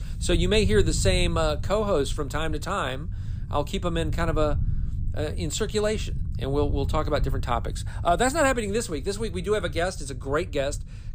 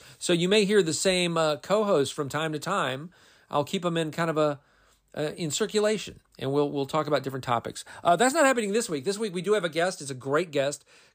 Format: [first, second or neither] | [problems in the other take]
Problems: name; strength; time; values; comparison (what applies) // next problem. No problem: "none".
second | low rumble; faint; throughout; 20 dB below the speech